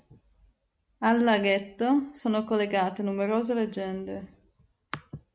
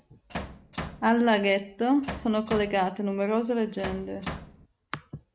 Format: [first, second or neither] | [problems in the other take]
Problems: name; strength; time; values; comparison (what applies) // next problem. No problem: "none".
first | background sound (Bass drum); 10 dB below the speech